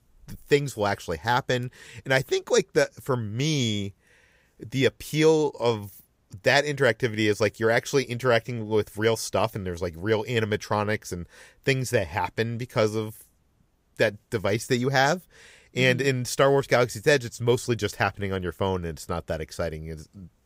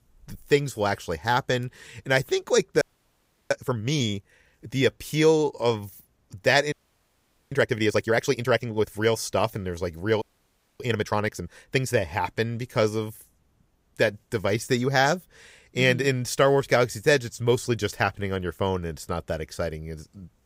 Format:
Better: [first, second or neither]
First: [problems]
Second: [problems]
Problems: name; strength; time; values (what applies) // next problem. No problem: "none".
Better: first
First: none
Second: audio freezing; at 3 s for 0.5 s, at 6.5 s for 1 s and at 10 s for 0.5 s